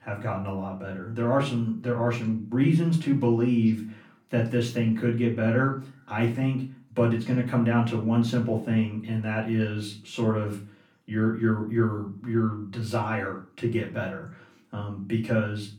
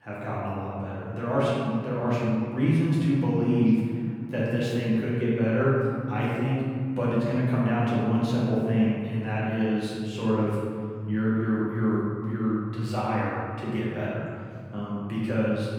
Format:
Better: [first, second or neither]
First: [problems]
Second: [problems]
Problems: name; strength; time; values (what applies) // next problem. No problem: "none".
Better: first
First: room echo; slight; dies away in 0.3 s // off-mic speech; far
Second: room echo; strong; dies away in 2.5 s // off-mic speech; far